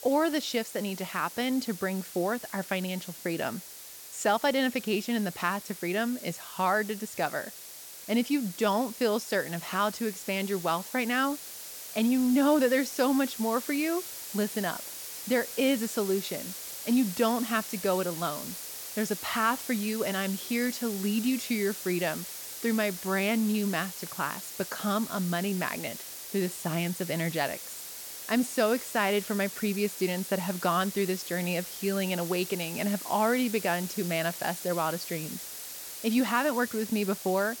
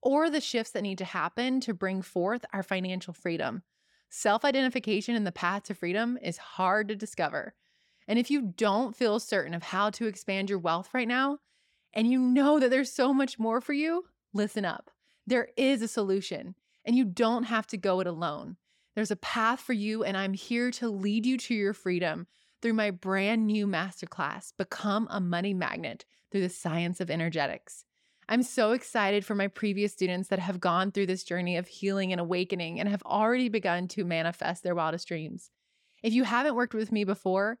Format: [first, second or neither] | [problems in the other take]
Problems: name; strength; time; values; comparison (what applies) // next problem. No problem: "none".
second | hiss; loud; throughout; 9 dB below the speech